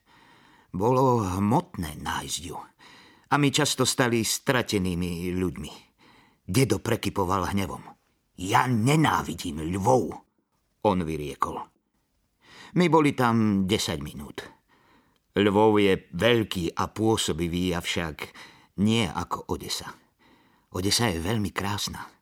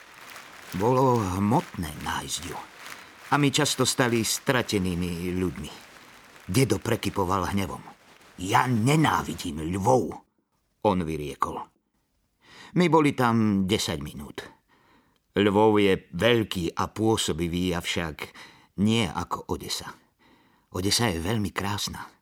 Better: first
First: none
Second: crowd noise; faint; until 9.5 s; 20 dB below the speech

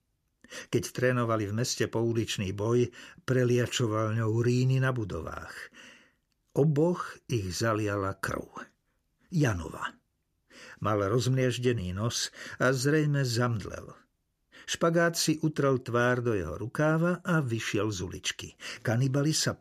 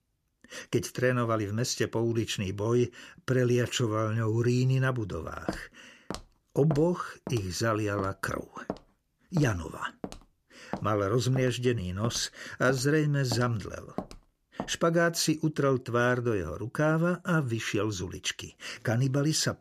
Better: first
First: none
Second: footsteps; noticeable; from 5.5 to 15 s; peak 10 dB below the speech

